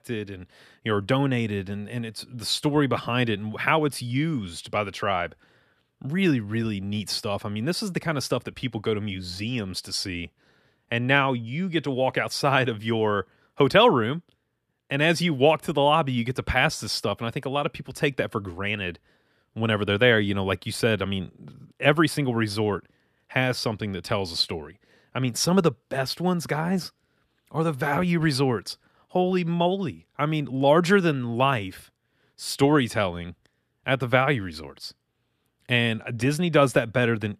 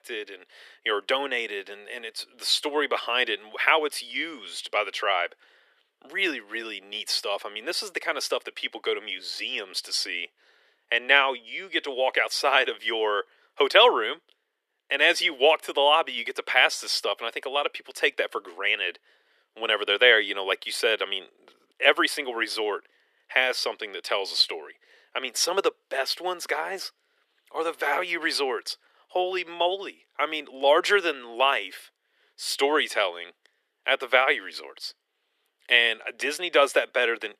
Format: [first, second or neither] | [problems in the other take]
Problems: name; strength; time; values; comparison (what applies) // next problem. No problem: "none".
first | thin; very; fading below 400 Hz